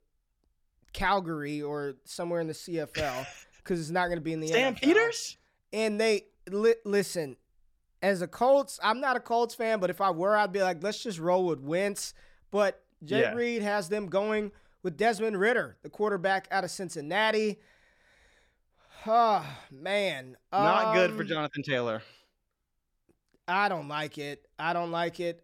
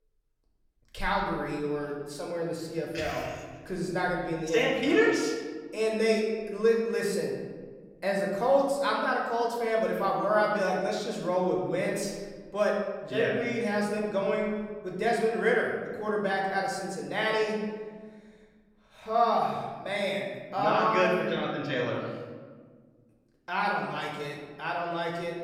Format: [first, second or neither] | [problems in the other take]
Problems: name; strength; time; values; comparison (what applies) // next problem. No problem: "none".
first | room echo; noticeable; dies away in 1.3 s // off-mic speech; far